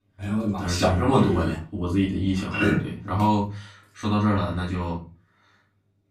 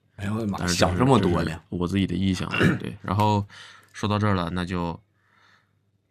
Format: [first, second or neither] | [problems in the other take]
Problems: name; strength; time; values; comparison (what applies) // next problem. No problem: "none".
second | off-mic speech; far // room echo; slight; dies away in 0.3 s